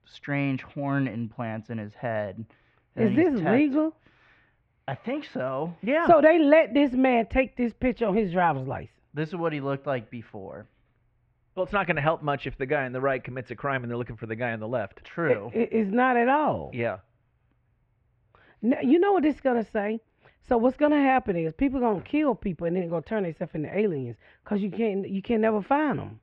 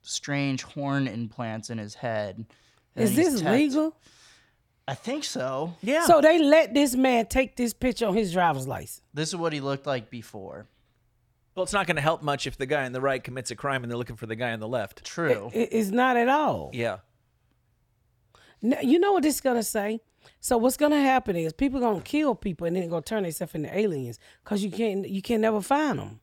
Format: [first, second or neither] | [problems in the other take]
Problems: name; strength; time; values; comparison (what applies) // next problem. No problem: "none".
second | muffled; very; fading above 2.5 kHz